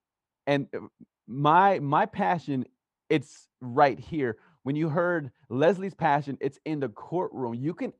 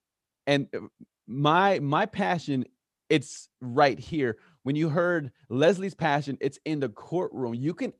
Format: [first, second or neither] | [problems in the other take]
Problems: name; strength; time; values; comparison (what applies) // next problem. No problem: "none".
second | muffled; slightly; fading above 3 kHz